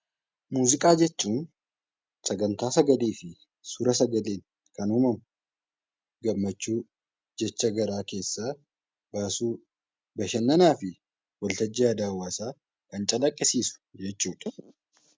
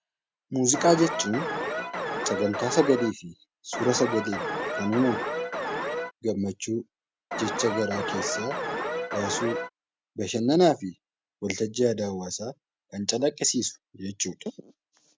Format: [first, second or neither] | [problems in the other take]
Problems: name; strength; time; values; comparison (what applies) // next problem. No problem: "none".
first | background sound (Alarm); 3 dB below the speech